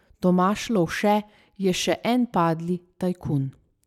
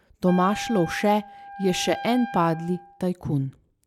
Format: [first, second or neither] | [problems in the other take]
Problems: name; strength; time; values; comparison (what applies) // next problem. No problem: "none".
first | background sound (Wind instrument, woodwind instrument); 13 dB below the speech